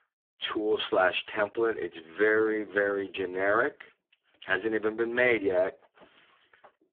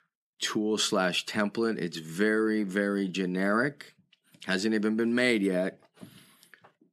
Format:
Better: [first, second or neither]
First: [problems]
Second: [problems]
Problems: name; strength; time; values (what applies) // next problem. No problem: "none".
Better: second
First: phone-call audio; poor line; nothing above 3.5 kHz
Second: none